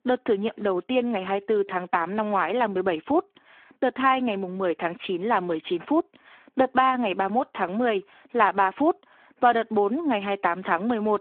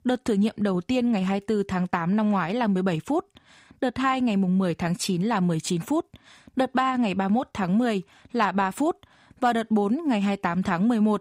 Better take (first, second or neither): second